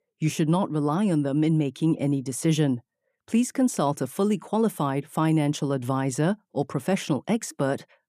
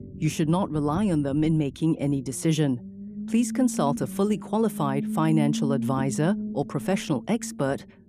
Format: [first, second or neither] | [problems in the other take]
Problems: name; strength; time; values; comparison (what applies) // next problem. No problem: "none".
first | low rumble; noticeable; throughout; 10 dB below the speech